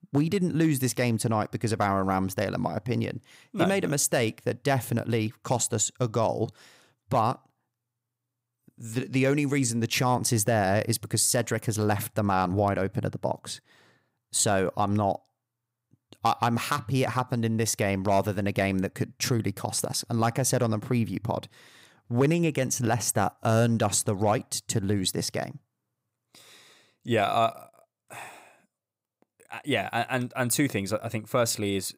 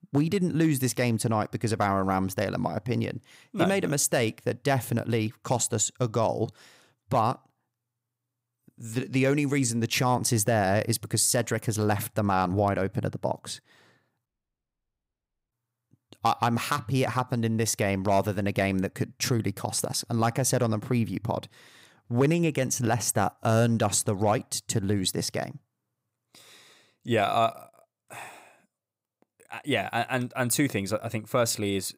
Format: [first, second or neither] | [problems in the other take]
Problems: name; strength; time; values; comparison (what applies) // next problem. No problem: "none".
first | audio cutting out; at 14 s for 1.5 s